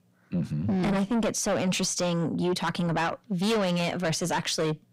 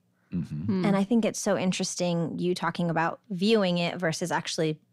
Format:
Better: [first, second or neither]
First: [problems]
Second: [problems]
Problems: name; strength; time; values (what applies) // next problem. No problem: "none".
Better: second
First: distortion; heavy; 7 dB below the speech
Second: none